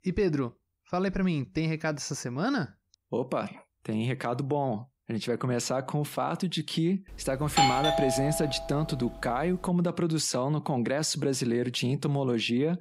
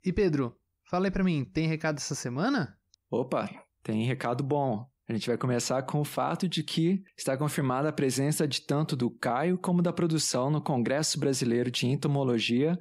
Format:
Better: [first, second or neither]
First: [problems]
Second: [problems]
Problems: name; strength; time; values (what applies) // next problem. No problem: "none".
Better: second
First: doorbell; loud; from 7.5 to 8.5 s; peak 6 dB above the speech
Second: none